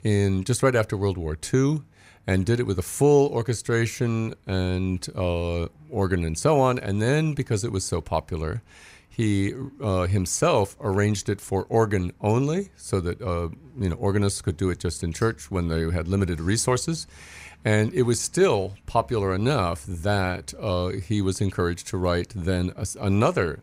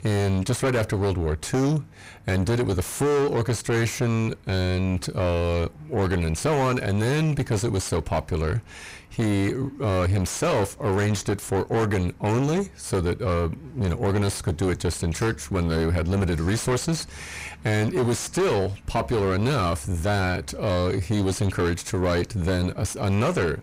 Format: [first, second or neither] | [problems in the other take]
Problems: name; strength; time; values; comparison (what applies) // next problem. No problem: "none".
first | distortion; heavy; 6 dB below the speech